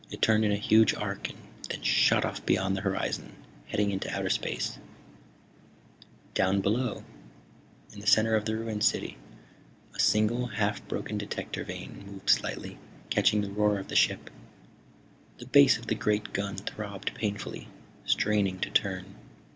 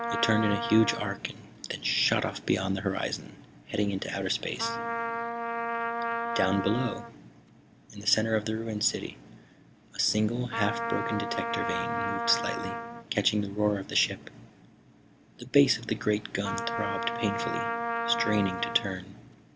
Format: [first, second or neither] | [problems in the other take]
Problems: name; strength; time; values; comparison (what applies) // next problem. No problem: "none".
first | background sound (Trumpet); 5 dB below the speech